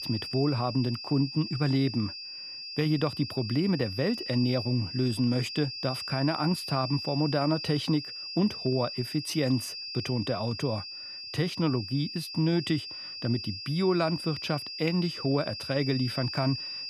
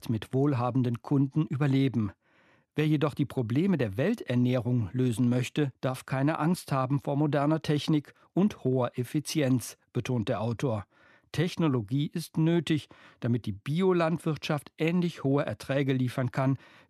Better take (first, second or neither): second